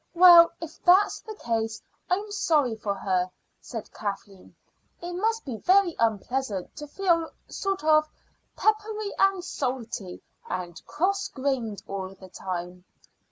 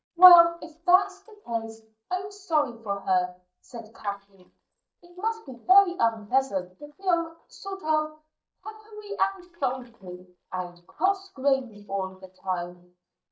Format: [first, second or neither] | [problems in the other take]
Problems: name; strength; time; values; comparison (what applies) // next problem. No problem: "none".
first | noise reduction (neural mask model DeepFilterNet 3)